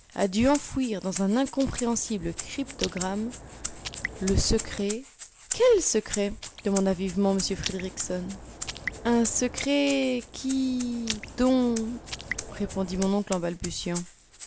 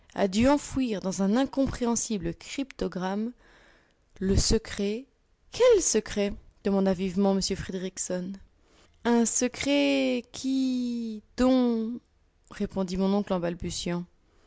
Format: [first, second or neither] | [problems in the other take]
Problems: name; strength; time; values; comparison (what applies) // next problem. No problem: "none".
second | background sound (Raindrop + Rattle (instrument)); 11 dB below the speech